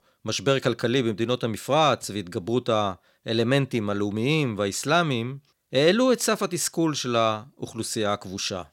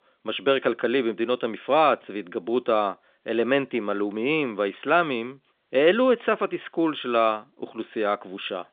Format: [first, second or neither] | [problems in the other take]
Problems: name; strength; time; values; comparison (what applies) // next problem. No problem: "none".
first | phone-call audio; nothing above 3.5 kHz